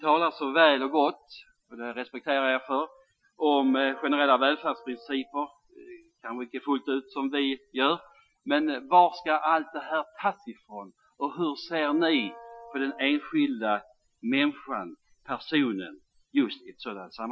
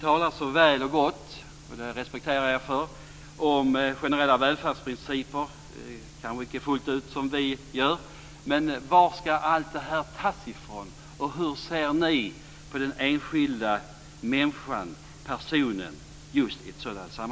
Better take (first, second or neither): second